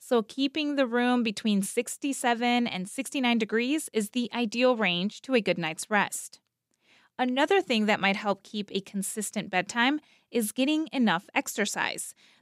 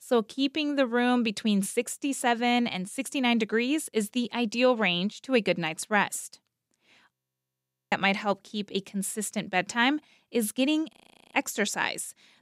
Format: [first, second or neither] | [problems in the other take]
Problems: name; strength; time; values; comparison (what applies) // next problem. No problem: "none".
first | audio freezing; at 7 s for 1 s and at 11 s